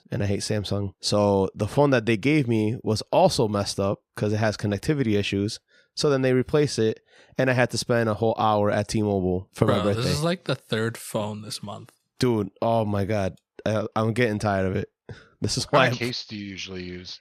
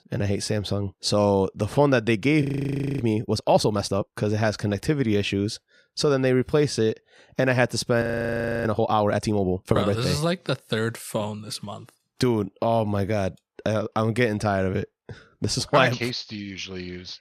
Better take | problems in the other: first | audio freezing; at 2.5 s for 0.5 s and at 8 s for 0.5 s

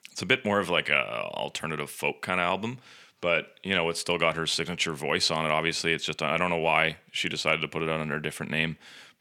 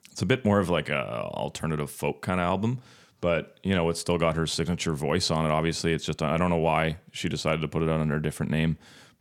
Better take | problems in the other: second | thin; very slightly; fading below 700 Hz

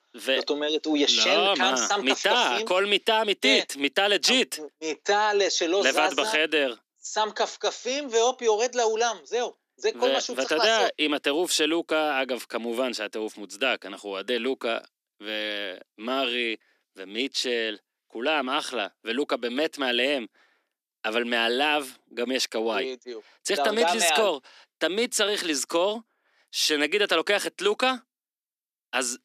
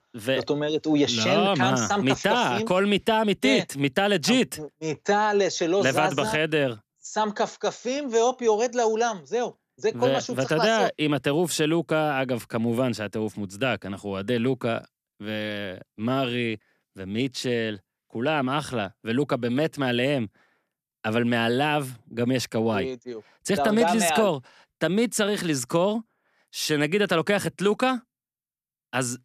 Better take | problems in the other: second | thin; very slightly; fading below 300 Hz

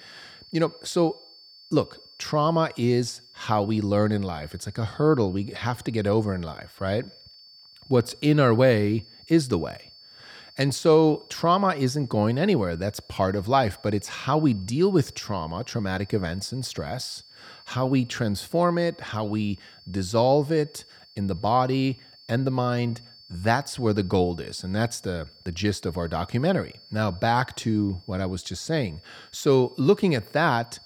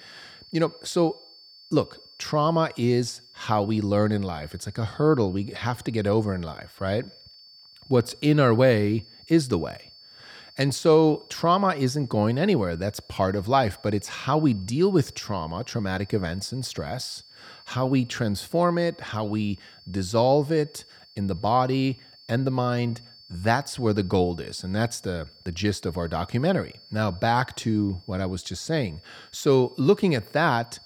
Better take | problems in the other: neither | high-pitched whine; faint; throughout; 4.5 kHz, 25 dB below the speech; the same in both

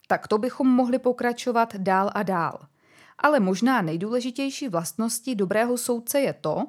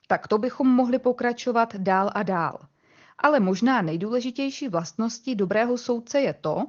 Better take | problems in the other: first | garbled, watery; slightly; nothing above 6.5 kHz

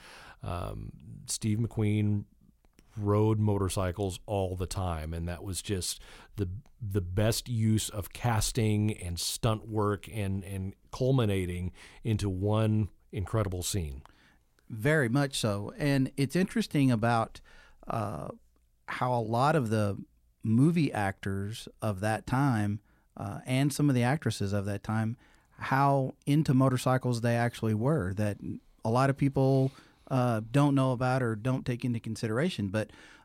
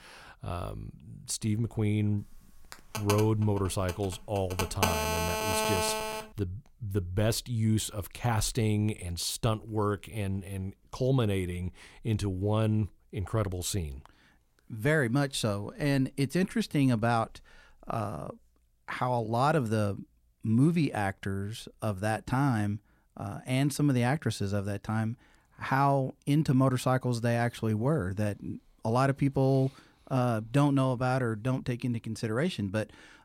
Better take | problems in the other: first | phone ringing; loud; from 2.5 to 6 s; peak 1 dB above the speech

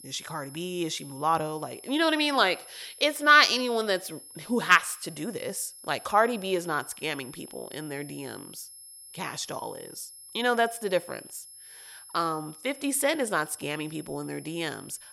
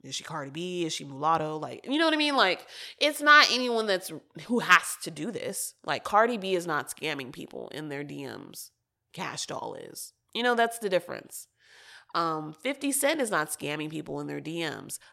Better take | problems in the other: second | high-pitched whine; noticeable; throughout; 11 kHz, 20 dB below the speech

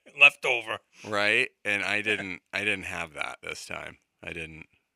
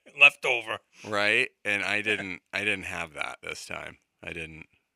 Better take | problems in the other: neither | thin; somewhat; fading below 600 Hz; the same in both

